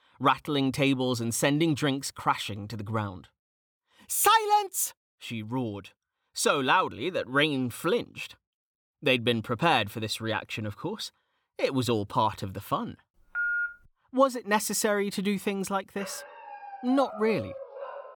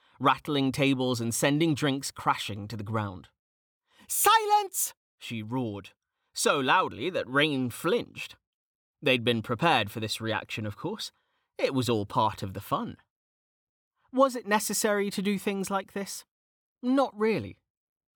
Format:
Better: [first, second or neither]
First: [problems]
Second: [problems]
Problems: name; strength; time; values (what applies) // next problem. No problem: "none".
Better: second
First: phone ringing; noticeable; at 13 s; peak 1 dB below the speech // dog barking; faint; from 16 s on; peak 10 dB below the speech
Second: none